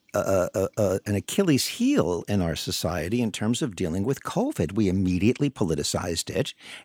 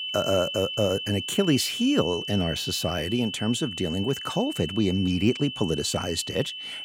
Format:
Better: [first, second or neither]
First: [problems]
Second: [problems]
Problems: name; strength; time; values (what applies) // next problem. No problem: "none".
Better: first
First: none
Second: high-pitched whine; loud; throughout; 3 kHz, 6 dB below the speech